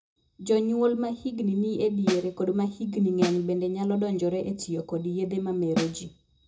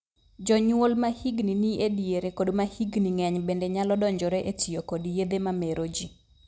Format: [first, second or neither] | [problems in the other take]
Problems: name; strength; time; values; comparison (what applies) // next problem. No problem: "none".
second | background sound (Snare drum); 4 dB below the speech // room echo; dies away in 0.2 s